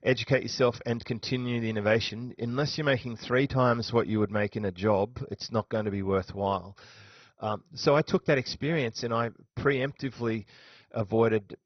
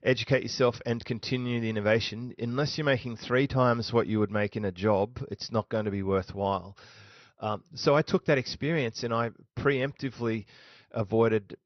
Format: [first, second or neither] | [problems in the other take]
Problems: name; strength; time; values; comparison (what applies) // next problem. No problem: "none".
second | garbled, watery; badly; nothing above 6 kHz; slightly in the second